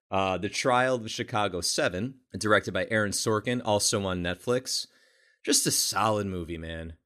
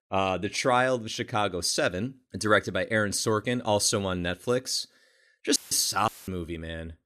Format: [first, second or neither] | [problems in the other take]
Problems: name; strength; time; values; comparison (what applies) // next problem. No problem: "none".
first | audio cutting out; filled with static; at 5.5 s and at 6 s